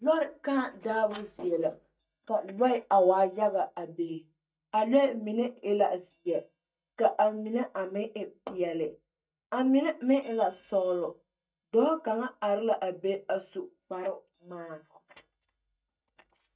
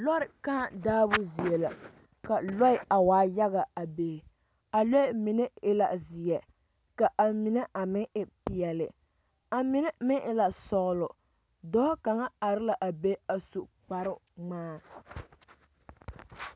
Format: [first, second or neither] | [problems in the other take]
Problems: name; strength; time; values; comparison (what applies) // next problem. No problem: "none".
second | noise reduction (neural mask model DeepFilterNet 3)